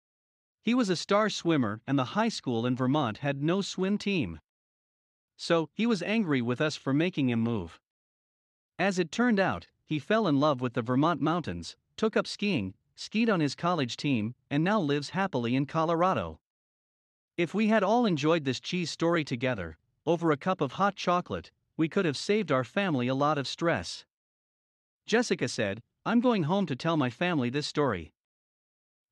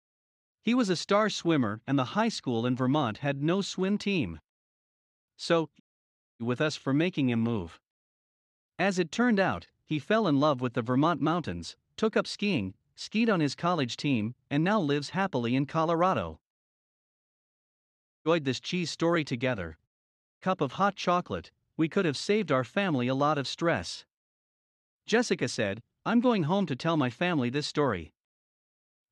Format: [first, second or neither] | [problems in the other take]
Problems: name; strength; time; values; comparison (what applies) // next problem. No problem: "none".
first | audio cutting out; at 6 s for 0.5 s, at 17 s for 1.5 s and at 20 s for 0.5 s